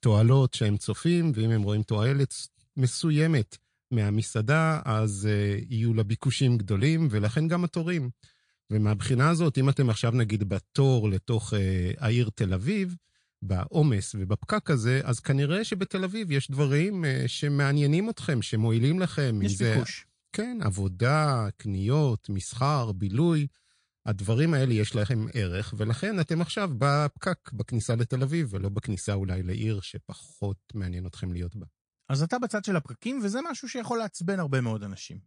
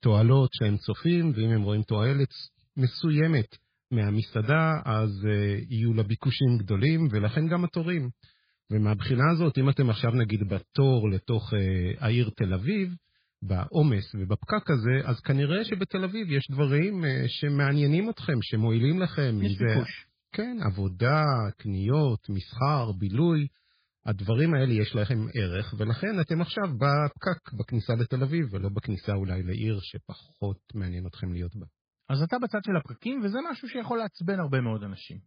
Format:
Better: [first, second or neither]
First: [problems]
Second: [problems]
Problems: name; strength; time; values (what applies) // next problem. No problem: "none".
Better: first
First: garbled, watery; slightly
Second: garbled, watery; badly